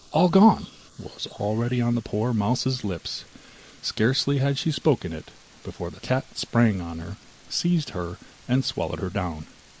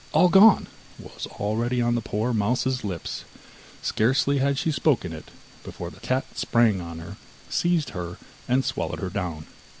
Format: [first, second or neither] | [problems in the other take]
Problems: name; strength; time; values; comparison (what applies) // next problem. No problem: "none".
second | noise reduction (neural mask model Resemble Enhance denoiser)